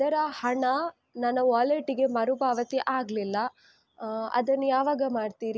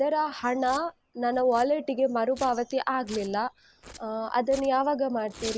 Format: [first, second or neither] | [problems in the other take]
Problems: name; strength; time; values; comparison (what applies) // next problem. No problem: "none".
first | background sound (Domestic sounds, home sounds); 20 dB below the speech